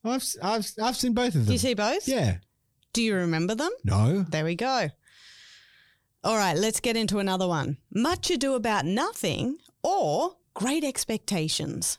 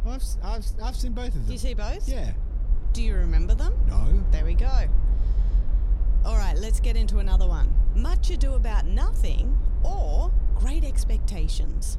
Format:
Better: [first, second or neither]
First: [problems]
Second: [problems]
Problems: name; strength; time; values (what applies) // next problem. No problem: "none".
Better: first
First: none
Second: low rumble; loud; throughout; 9 dB below the speech